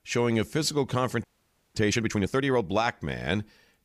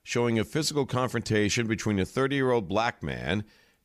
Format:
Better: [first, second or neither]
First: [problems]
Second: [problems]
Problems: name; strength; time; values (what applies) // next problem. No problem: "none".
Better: second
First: audio freezing; at 1 s for 0.5 s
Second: none